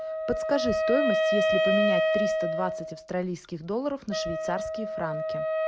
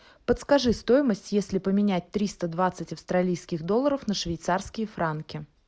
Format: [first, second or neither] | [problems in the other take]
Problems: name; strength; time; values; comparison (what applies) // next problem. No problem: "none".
second | background sound (Wind instrument, woodwind instrument); 4 dB above the speech